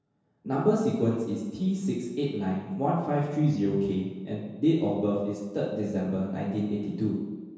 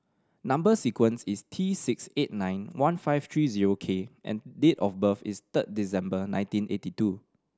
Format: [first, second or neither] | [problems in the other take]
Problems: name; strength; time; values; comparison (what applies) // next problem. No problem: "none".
second | room echo; dies away in 1.2 s